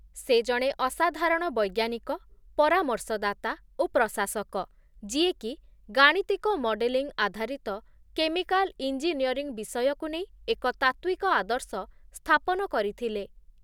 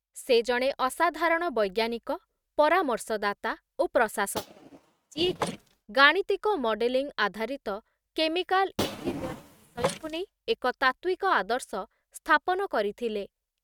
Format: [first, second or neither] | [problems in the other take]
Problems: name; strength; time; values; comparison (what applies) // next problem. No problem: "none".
first | noise reduction (neural mask model RNNoise)